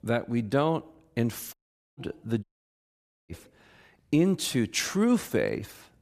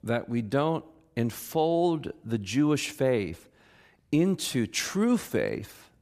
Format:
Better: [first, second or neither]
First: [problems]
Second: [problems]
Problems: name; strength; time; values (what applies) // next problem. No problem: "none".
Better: second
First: audio cutting out; at 1.5 s and at 2.5 s for 1 s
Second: none